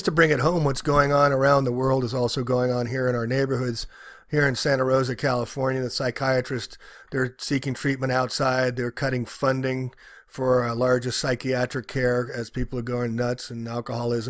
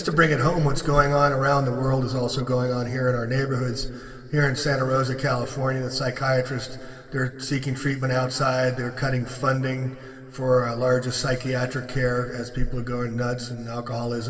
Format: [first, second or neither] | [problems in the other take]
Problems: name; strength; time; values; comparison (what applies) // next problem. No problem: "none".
first | room echo; dies away in 2.6 s